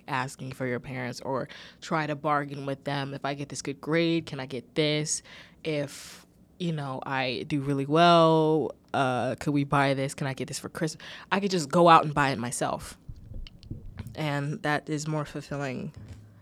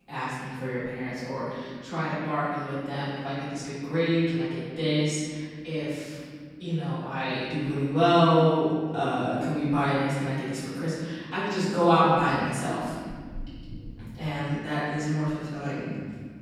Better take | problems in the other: first | off-mic speech; far // room echo; strong; dies away in 2 s

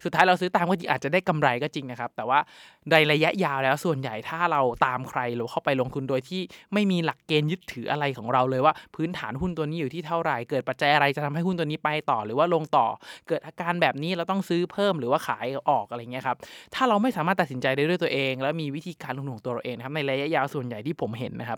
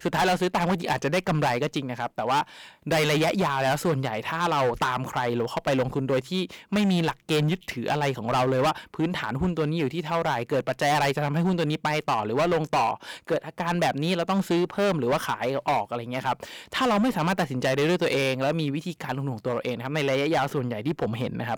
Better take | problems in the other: first | distortion; heavy; 12% of the sound clipped

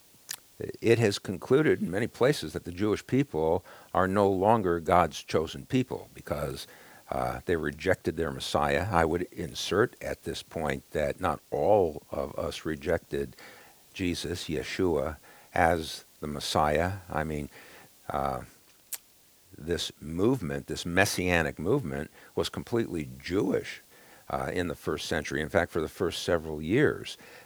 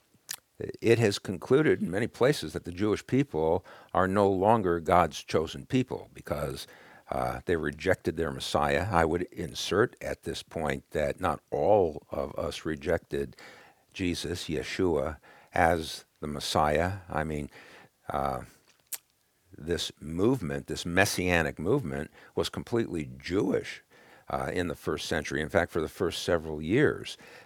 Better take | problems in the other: second | hiss; faint; throughout; 25 dB below the speech

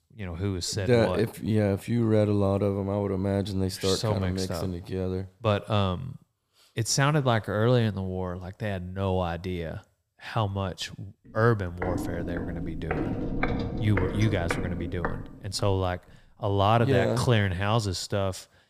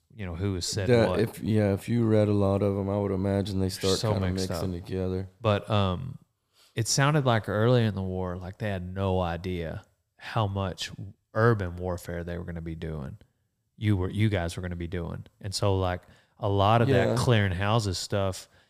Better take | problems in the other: second | footsteps; noticeable; from 12 to 16 s; peak 2 dB below the speech

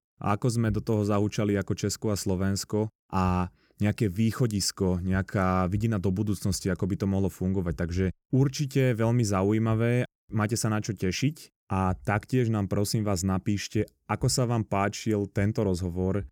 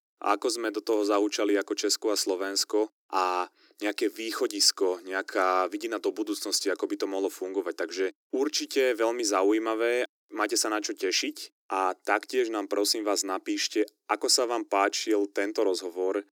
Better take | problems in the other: first | thin; very; fading below 300 Hz

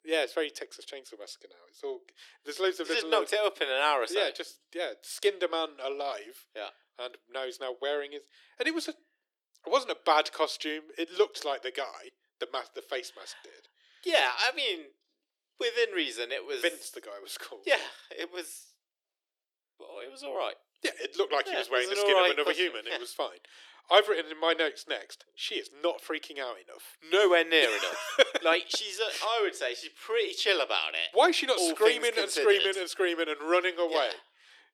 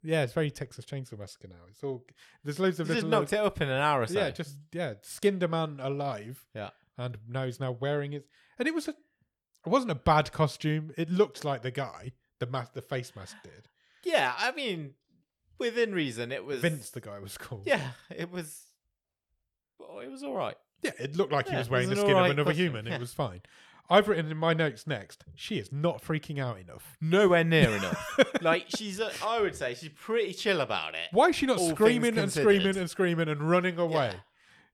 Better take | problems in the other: second | thin; very; fading below 300 Hz

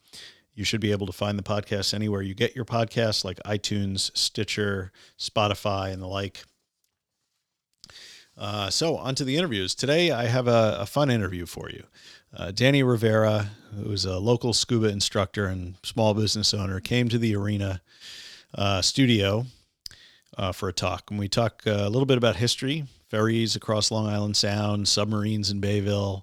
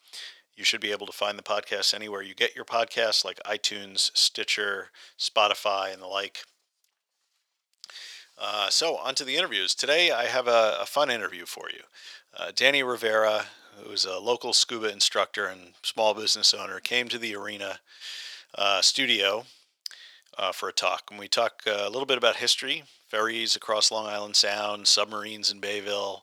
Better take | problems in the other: first | thin; very; fading below 700 Hz

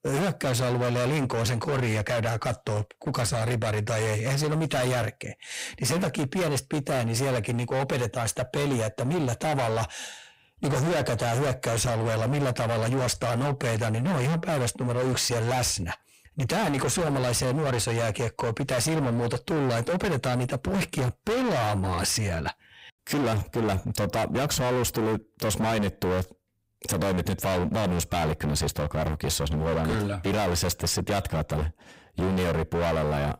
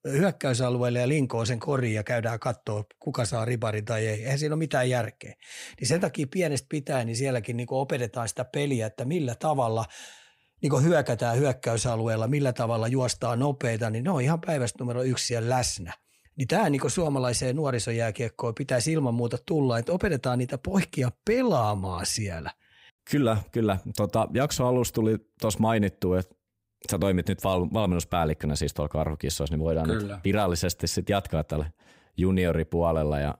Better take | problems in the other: second | distortion; heavy; 34% of the sound clipped

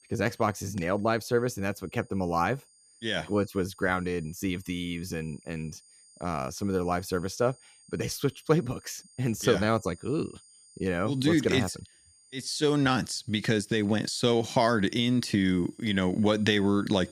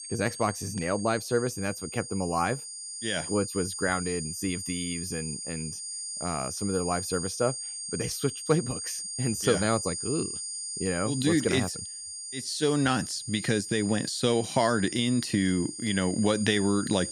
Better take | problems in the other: first | high-pitched whine; loud; throughout; 9 kHz, 6 dB below the speech; faint in the first

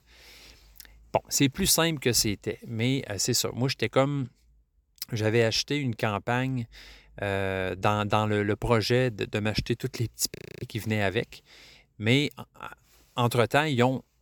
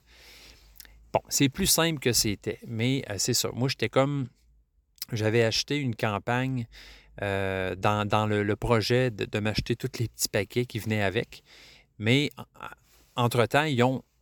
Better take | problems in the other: second | audio freezing; at 10 s

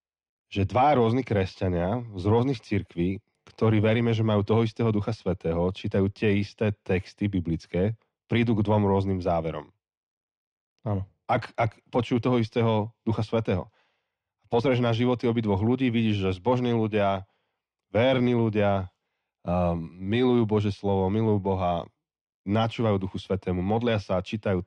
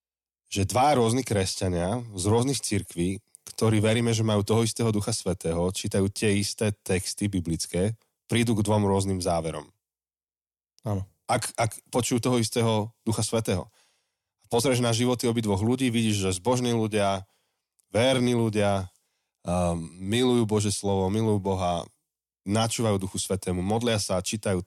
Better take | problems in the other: second | muffled; very; fading above 3 kHz

